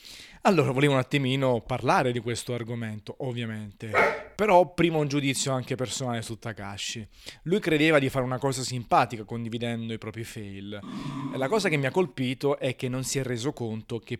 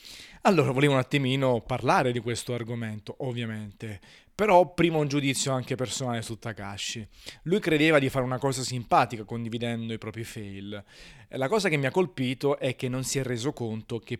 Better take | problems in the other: second | dog barking; loud; at 4 s; peak 3 dB above the speech // dog barking; noticeable; from 11 to 12 s; peak 8 dB below the speech

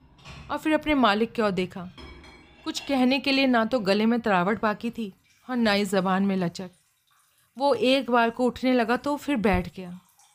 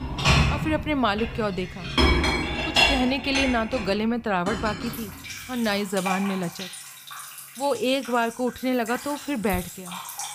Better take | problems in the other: first | household noises; loud; throughout; as loud as the speech; faint in the first

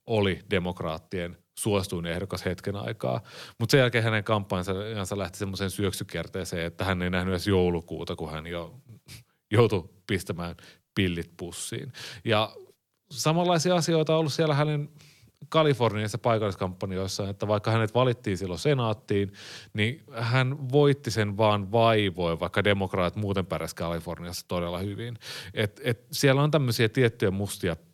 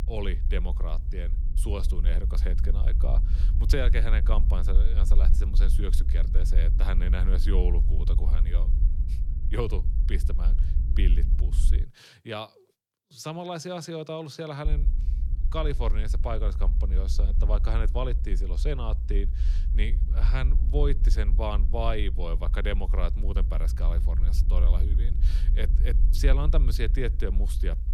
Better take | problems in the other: first | low rumble; noticeable; until 12 s and from 15 s on; 10 dB below the speech

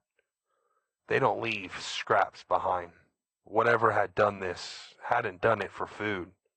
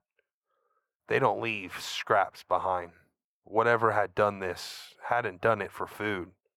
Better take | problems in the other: second | garbled, watery; slightly; nothing above 8 kHz

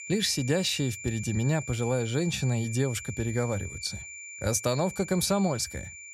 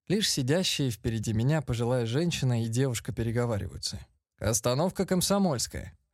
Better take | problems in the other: second | high-pitched whine; noticeable; throughout; 2.5 kHz, 10 dB below the speech

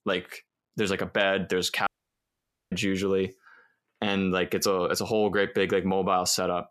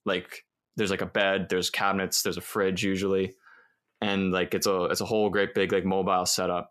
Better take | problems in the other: second | audio cutting out; at 2 s for 1 s

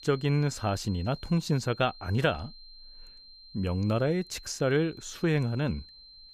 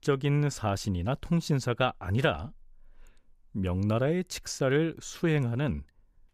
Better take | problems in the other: second | high-pitched whine; noticeable; throughout; 4 kHz, 20 dB below the speech

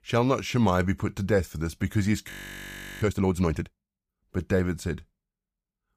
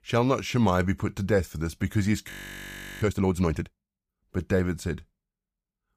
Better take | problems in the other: neither | audio freezing; at 2.5 s for 0.5 s; the same in both

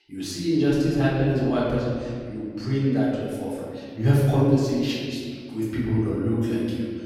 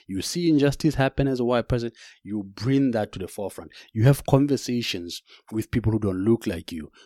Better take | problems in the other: second | off-mic speech; far // room echo; strong; dies away in 1.8 s

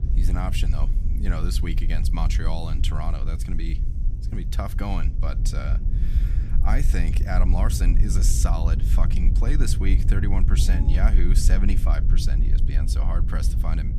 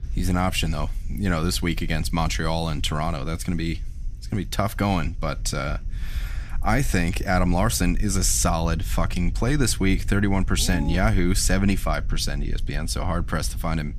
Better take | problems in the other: second | low rumble; loud; throughout; 7 dB below the speech; faint in the second

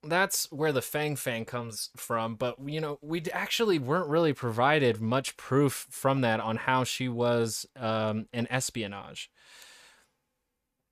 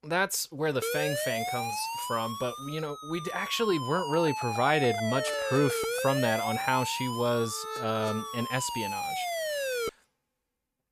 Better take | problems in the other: first | siren; noticeable; from 1 to 10 s; peak level with the speech

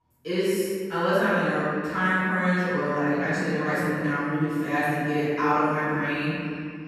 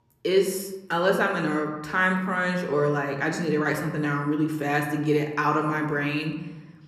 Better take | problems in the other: second | room echo; strong; dies away in 2.2 s; slight in the second // off-mic speech; far

